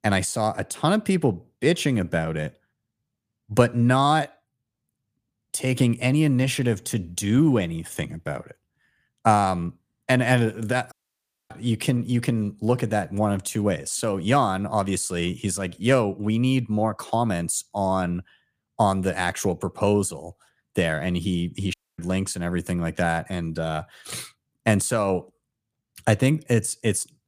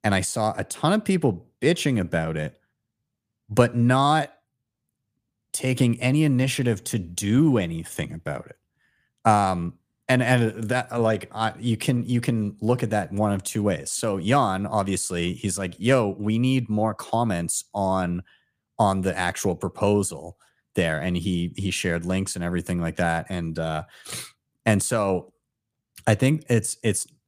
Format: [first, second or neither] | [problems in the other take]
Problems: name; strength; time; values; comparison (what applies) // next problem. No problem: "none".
second | audio cutting out; at 11 s for 0.5 s and at 22 s